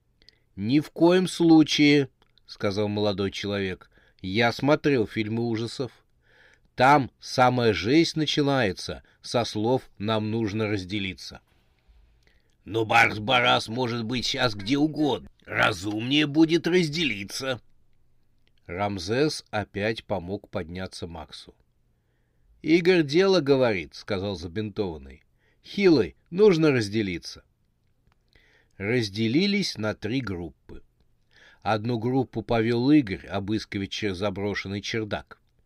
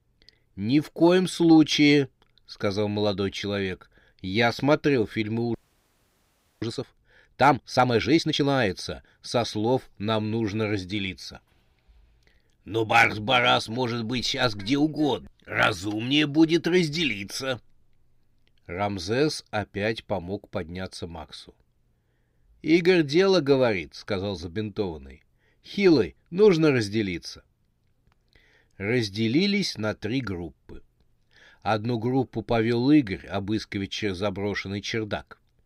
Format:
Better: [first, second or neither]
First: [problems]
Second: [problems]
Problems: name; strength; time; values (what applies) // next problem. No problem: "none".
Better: first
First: none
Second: audio freezing; at 5.5 s for 1 s